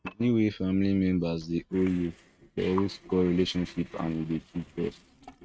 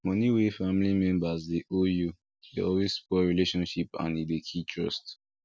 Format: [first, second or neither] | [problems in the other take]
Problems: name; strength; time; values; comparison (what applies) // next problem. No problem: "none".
second | noise reduction (neural mask model RNNoise)